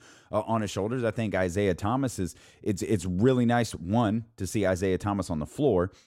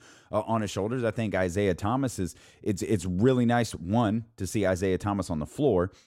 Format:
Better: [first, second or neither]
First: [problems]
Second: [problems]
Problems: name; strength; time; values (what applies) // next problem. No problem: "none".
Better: neither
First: none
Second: none